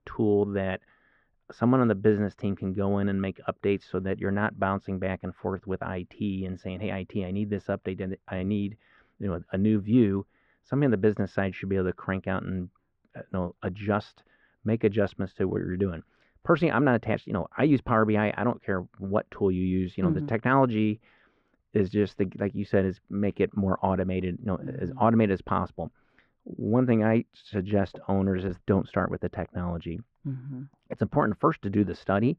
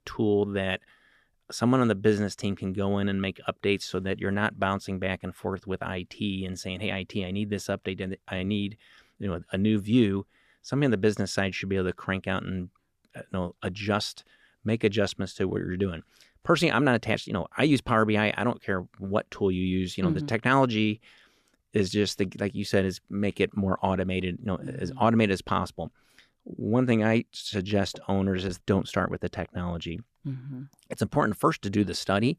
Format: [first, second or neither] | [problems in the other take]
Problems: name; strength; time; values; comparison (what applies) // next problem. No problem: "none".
second | muffled; very; fading above 1.5 kHz